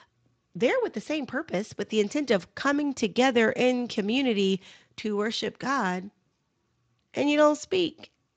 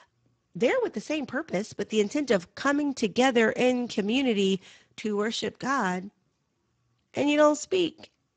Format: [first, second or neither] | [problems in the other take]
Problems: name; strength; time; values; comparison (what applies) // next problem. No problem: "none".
first | garbled, watery; badly; nothing above 7.5 kHz; slightly in the first